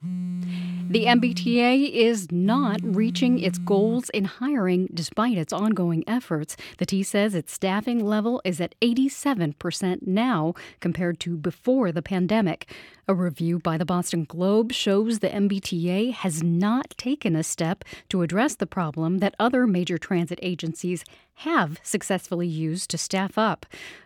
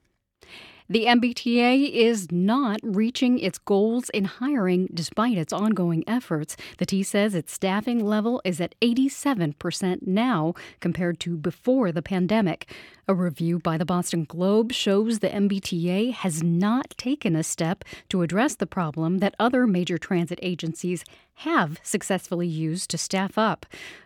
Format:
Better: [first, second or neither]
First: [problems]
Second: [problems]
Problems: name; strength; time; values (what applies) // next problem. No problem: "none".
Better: second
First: phone ringing; noticeable; until 4 s; peak 5 dB below the speech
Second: none